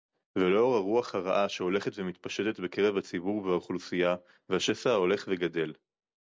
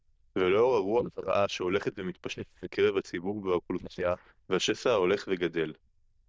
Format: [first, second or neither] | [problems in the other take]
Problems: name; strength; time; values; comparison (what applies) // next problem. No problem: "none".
first | noise reduction (neural diffusion model UNIVERSE++)